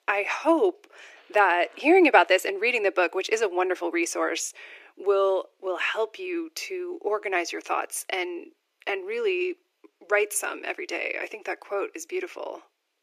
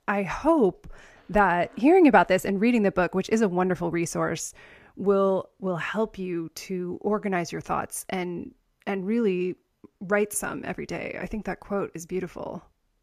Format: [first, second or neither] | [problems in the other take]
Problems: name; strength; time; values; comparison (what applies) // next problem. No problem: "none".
second | thin; very; fading below 350 Hz